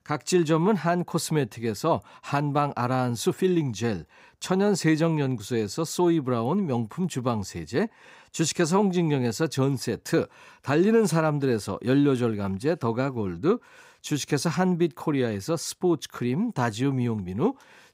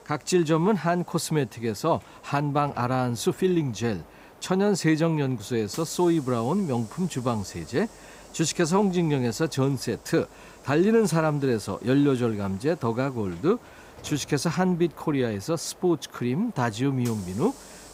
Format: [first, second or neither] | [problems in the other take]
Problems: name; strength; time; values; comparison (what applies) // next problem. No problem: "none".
first | hiss; faint; throughout; 20 dB below the speech